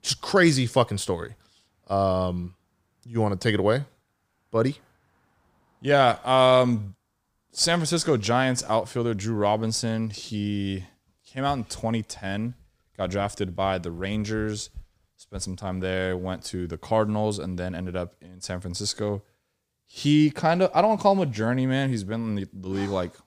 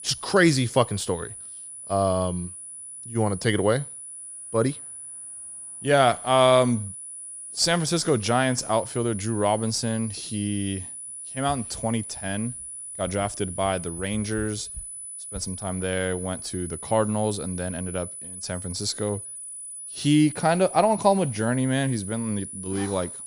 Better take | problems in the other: first | high-pitched whine; noticeable; throughout; 10 kHz, 10 dB below the speech

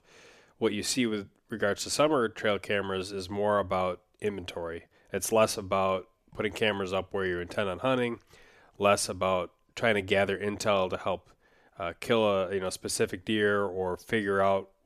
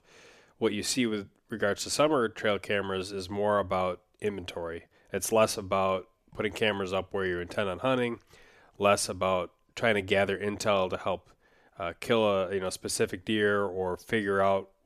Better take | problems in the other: neither | none

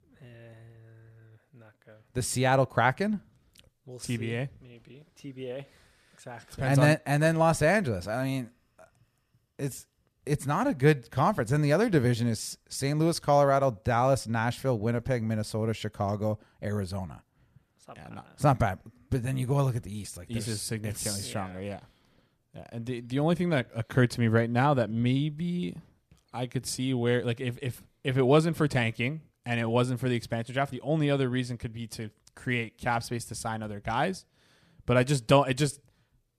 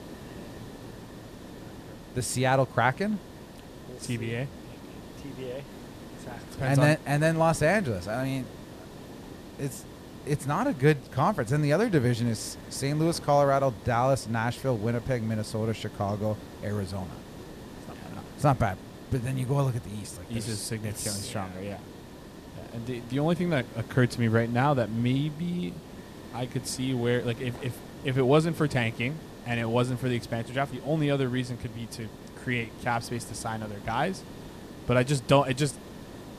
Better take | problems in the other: first | hiss; noticeable; throughout; 15 dB below the speech

